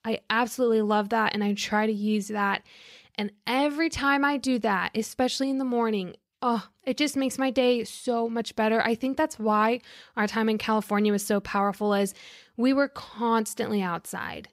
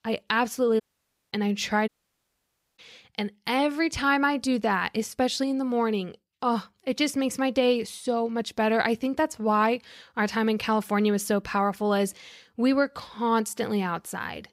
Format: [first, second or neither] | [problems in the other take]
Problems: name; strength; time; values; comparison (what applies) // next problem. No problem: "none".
first | audio cutting out; at 1 s for 0.5 s and at 2 s for 1 s